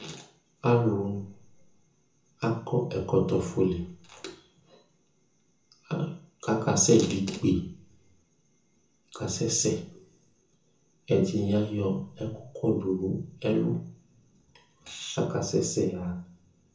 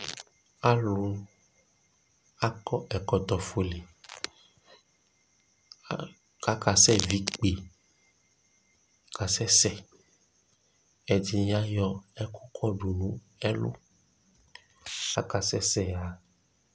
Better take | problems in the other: second | room echo; dies away in 0.6 s

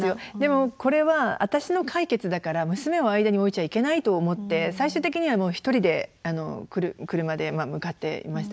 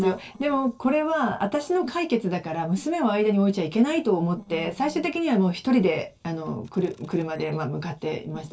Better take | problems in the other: first | noise reduction (neural separator model SepFormer DNS4)

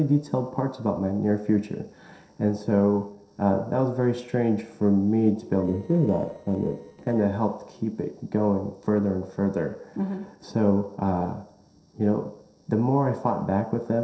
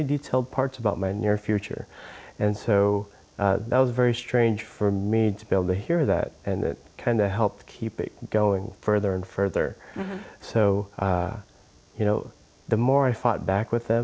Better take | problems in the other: second | noise reduction (neural separator model SepFormer DNS4)

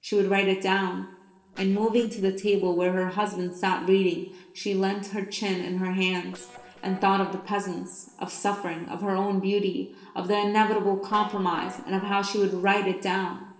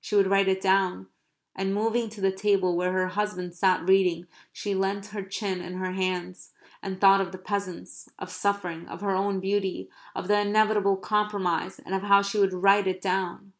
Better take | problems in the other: second | noise reduction (neural separator model SepFormer DNS4)

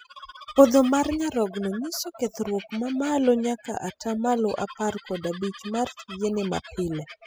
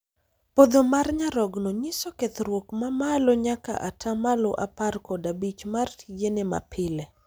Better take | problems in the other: second | noise reduction (classical method spectral subtraction)

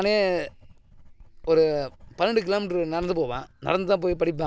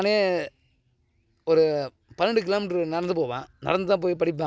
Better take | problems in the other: second | background sound (Writing); 19 dB below the speech

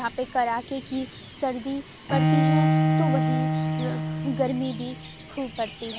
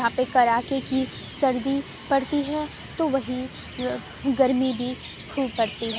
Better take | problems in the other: second | background sound (Bowed string instrument); 4 dB above the speech

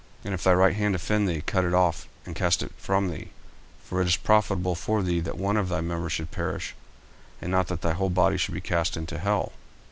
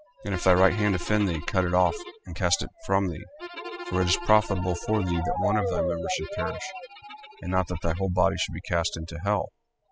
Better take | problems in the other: first | noise reduction (classical method spectral subtraction)

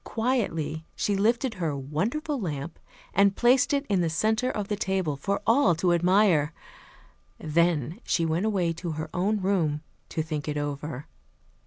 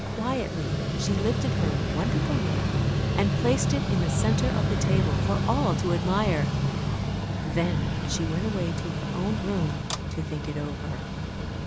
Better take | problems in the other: first | background sound (Mechanical fan); 4 dB above the speech

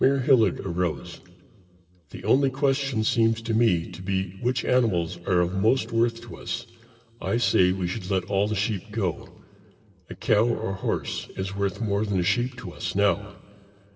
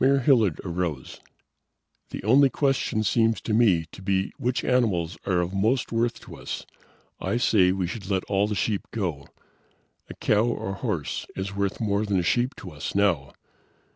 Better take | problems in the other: second | room echo; dies away in 2.9 s

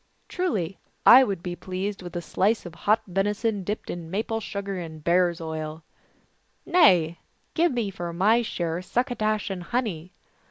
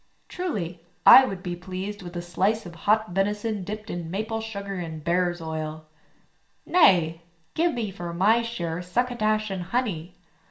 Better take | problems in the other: first | room echo; dies away in 0.4 s

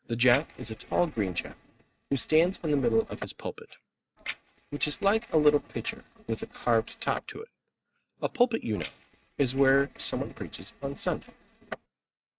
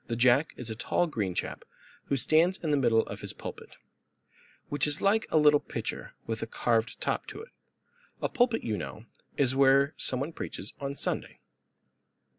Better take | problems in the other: second | noise reduction (neural mask model RNNoise)

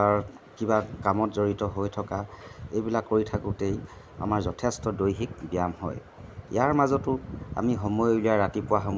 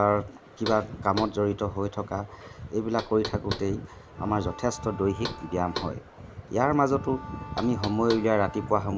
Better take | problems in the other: first | background sound (Knock + Bowed string instrument); 14 dB below the speech

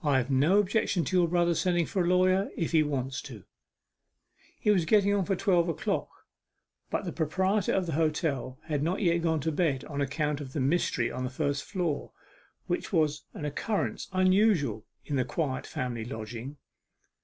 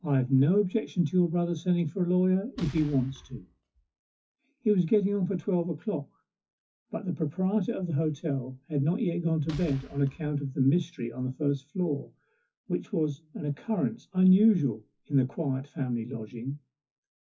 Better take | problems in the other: first | noise reduction (classical method WPE with log-MMSE)

